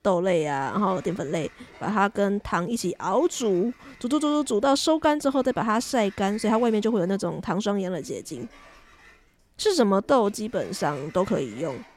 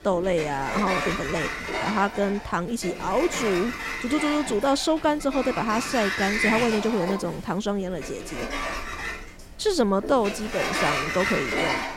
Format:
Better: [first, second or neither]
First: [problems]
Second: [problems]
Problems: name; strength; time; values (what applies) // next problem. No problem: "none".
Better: first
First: household noises; faint; throughout; 25 dB below the speech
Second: household noises; loud; throughout; 3 dB below the speech